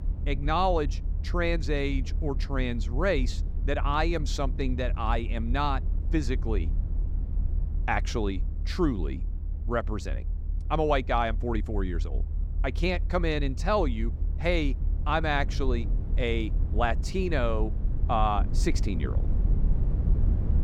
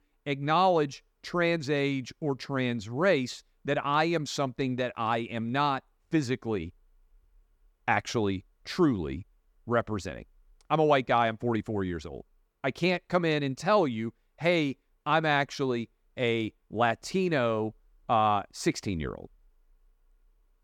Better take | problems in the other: second | low rumble; noticeable; throughout; 20 dB below the speech

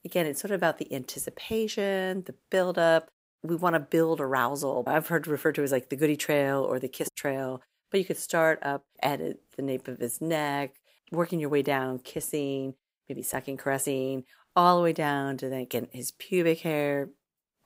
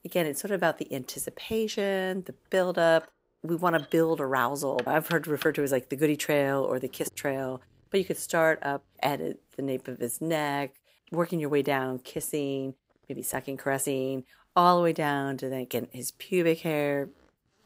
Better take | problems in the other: first | household noises; noticeable; throughout; 15 dB below the speech

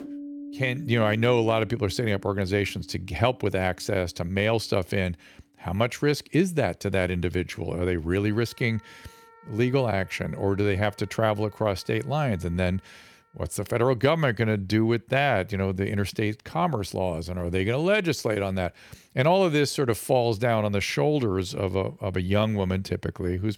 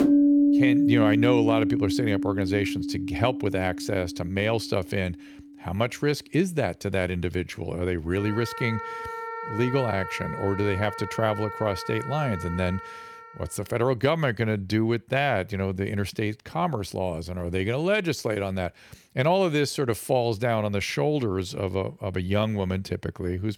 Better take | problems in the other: first | background music; loud; until 13 s; 1 dB below the speech; faint in the first

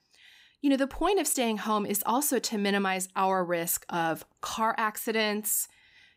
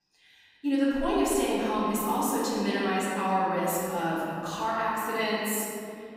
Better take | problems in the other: first | room echo; strong; dies away in 2.8 s // off-mic speech; far

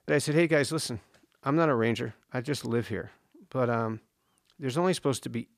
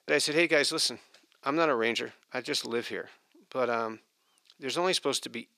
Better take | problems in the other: first | thin; somewhat; fading below 350 Hz

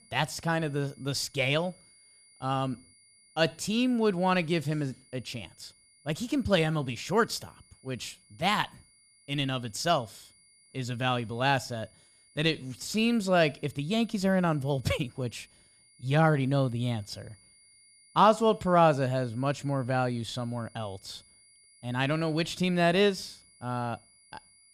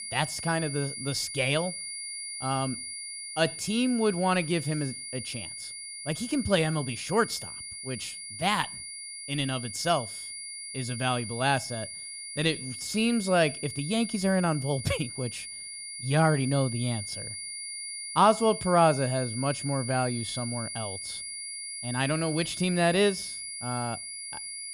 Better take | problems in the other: first | high-pitched whine; loud; throughout; 9.5 kHz, 8 dB below the speech; faint in the first

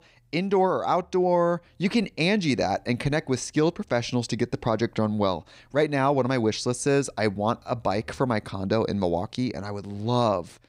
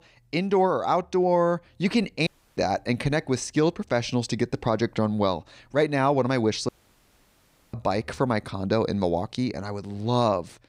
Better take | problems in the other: first | audio cutting out; at 2.5 s and at 6.5 s for 1 s

